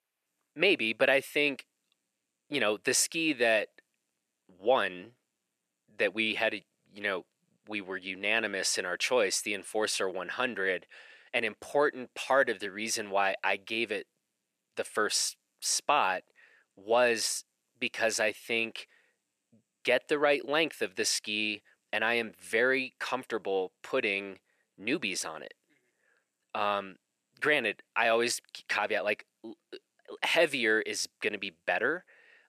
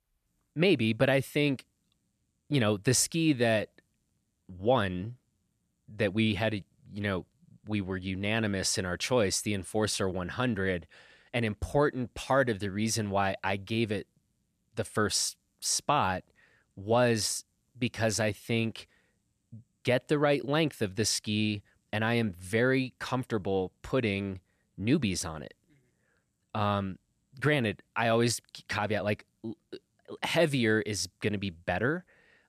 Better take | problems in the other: second | thin; somewhat; fading below 450 Hz

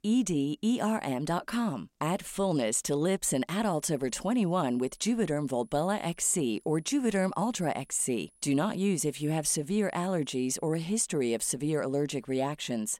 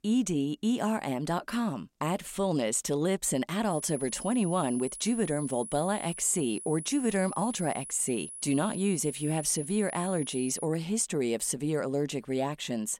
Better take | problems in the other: first | high-pitched whine; loud; from 3.5 to 11 s; 10.5 kHz, 10 dB below the speech; faint in the first

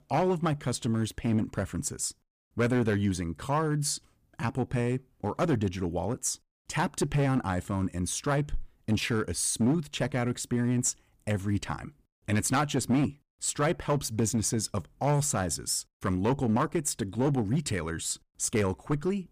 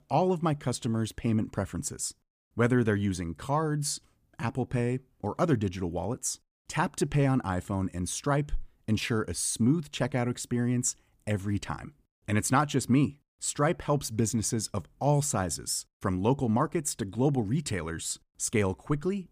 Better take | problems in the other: second | distortion; slight; 5% of the sound clipped

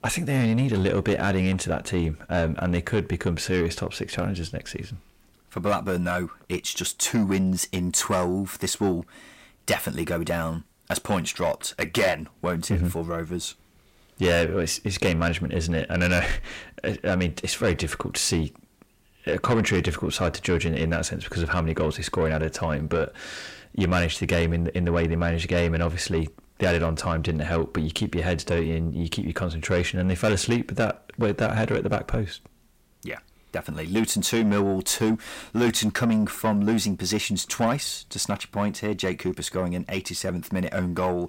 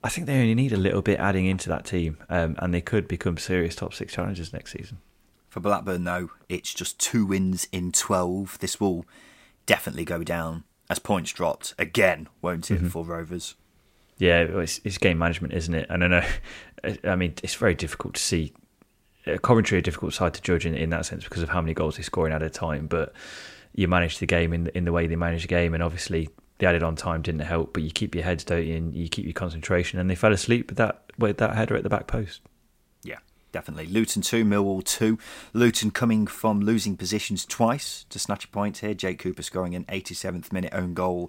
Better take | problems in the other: second | distortion; slight; 10 dB below the speech

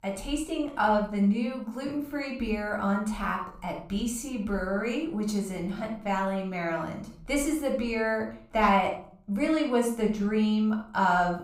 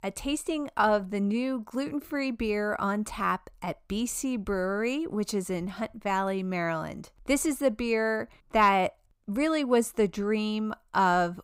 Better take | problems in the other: second | off-mic speech; somewhat distant // room echo; slight; dies away in 0.4 s

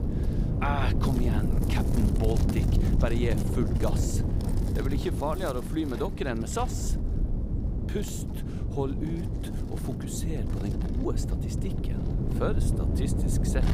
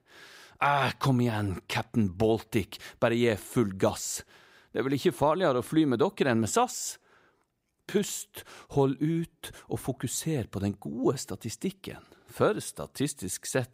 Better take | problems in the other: second | wind noise on the microphone; heavy; 4 dB below the speech

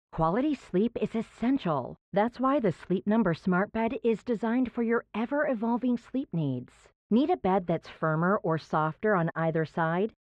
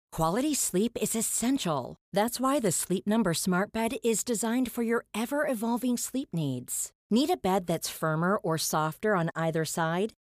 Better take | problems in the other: second | muffled; very; fading above 2.5 kHz

